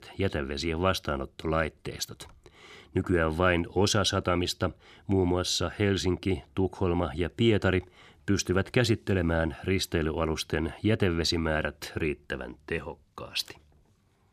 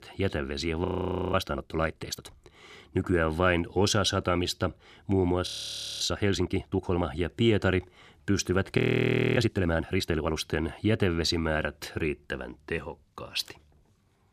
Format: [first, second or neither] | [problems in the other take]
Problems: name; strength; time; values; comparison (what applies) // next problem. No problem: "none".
first | audio freezing; at 1 s, at 5.5 s for 0.5 s and at 9 s for 0.5 s